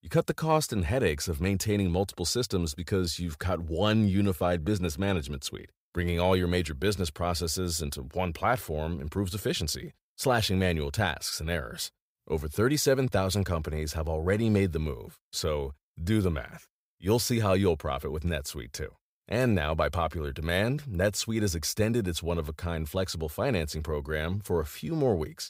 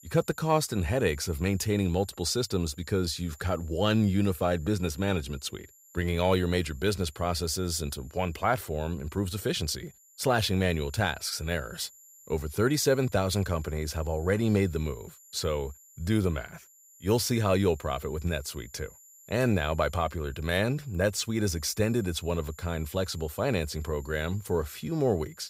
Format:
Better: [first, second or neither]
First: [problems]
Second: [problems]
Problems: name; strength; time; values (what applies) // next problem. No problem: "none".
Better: first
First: none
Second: high-pitched whine; faint; throughout; 7.5 kHz, 25 dB below the speech